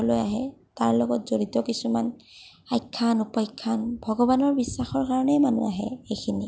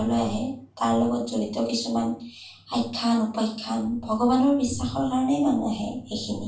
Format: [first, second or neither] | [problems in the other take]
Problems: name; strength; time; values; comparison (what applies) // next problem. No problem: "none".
first | room echo; dies away in 0.3 s